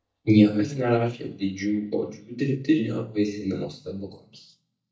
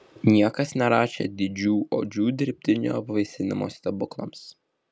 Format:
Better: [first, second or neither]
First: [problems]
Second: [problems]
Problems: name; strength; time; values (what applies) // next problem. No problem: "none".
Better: second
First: noise reduction (neural mask model DeepFilterNet 3)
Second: none